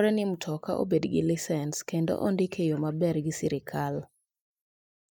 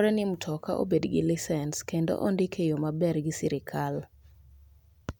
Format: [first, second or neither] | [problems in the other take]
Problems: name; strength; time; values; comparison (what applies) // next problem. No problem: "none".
second | noise reduction (neural mask model Resemble Enhance denoiser)